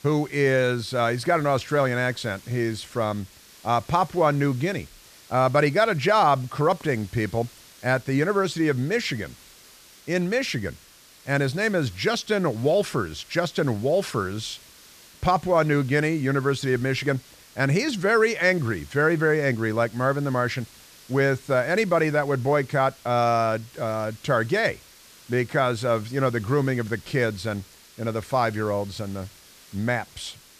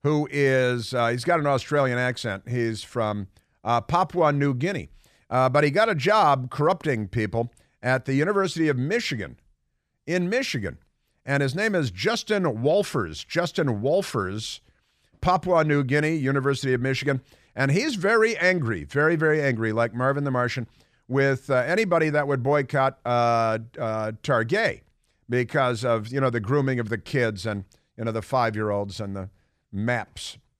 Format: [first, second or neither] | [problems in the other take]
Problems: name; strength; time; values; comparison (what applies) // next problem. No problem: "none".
second | hiss; faint; throughout; 25 dB below the speech